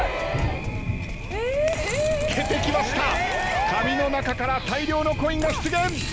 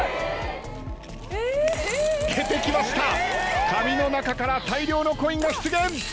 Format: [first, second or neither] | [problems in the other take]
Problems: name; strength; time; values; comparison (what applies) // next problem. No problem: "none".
second | background sound (Thunder); 6 dB below the speech